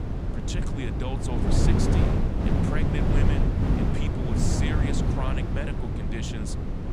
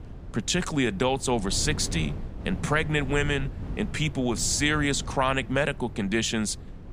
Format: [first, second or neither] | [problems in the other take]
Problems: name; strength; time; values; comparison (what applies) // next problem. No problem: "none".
second | wind noise on the microphone; heavy; 4 dB above the speech; occasional gusts in the second